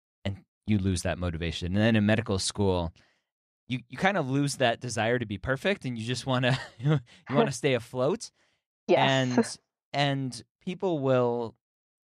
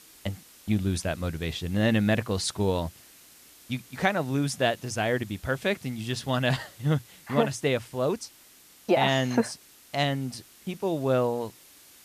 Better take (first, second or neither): first